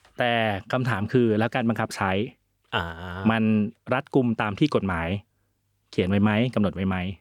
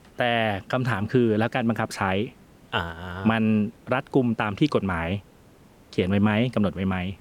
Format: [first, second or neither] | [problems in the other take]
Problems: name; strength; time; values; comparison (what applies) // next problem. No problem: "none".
first | hiss; faint; throughout; 30 dB below the speech